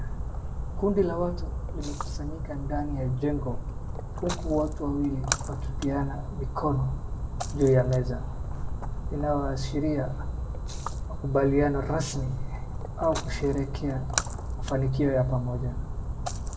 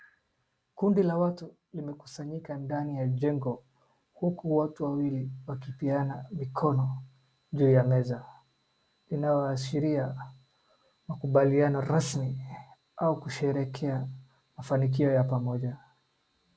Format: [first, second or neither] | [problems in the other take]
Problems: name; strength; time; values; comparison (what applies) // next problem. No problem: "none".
second | background sound (Splash, splatter); 3 dB below the speech // room echo; dies away in 0.6 s